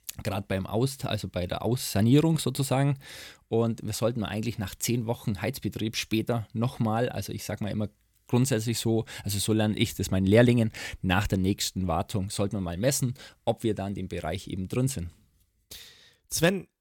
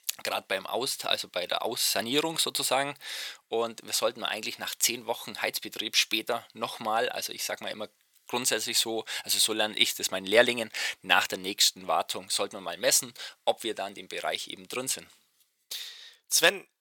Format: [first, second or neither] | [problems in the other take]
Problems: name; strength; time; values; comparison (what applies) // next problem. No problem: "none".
first | thin; very; fading below 700 Hz